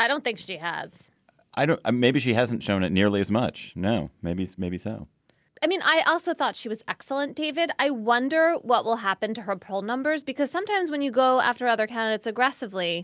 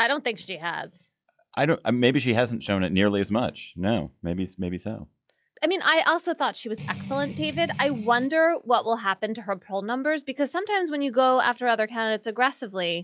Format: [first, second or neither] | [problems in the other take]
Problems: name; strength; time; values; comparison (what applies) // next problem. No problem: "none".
first | noise reduction (classical method log-MMSE)